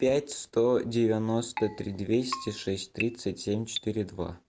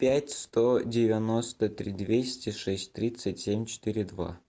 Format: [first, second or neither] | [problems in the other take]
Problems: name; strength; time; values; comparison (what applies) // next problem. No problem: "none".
second | background sound (Keyboard (musical)); 12 dB below the speech